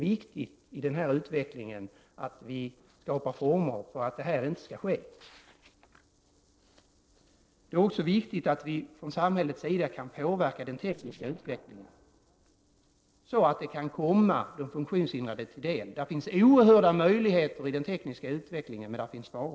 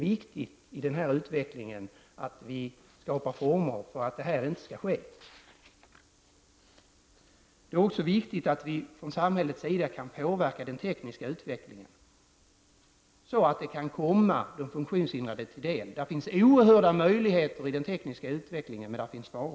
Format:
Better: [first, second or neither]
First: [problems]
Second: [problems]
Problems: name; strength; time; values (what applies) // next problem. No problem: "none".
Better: second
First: noise reduction (neural separator model SepFormer DNS4)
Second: none